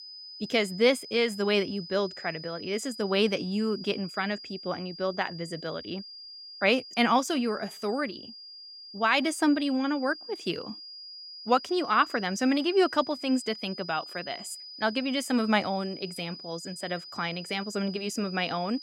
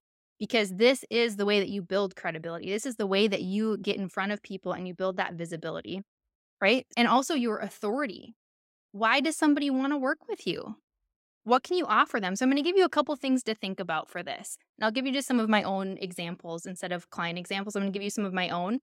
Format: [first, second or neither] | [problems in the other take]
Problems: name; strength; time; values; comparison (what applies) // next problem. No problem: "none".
second | high-pitched whine; noticeable; throughout; 5 kHz, 15 dB below the speech